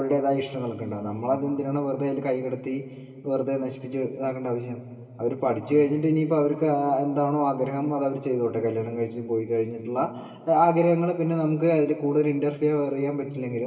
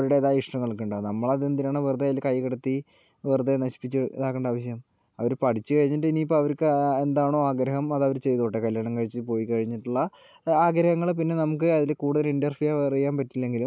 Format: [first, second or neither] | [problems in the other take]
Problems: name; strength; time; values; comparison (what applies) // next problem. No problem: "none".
second | room echo; dies away in 2.9 s